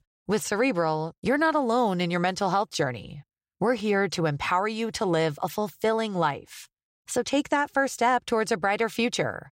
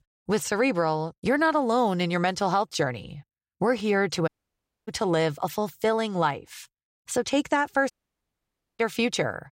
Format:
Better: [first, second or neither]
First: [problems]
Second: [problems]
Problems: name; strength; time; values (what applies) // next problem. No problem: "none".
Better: first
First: none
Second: audio cutting out; at 4.5 s for 0.5 s and at 8 s for 1 s